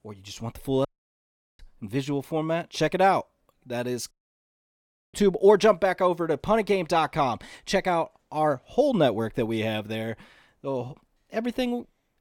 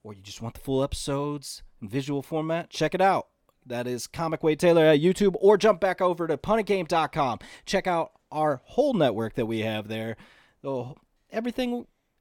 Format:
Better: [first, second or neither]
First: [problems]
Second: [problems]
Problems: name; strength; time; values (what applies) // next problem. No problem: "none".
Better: second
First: audio cutting out; at 1 s for 0.5 s and at 4 s for 1 s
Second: none